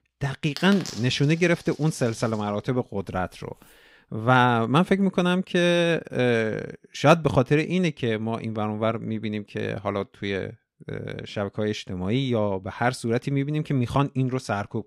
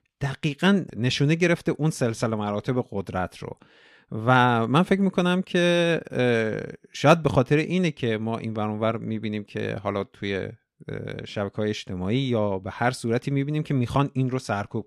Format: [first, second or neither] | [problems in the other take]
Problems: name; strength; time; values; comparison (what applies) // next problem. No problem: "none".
second | household noises; noticeable; until 3.5 s; 15 dB below the speech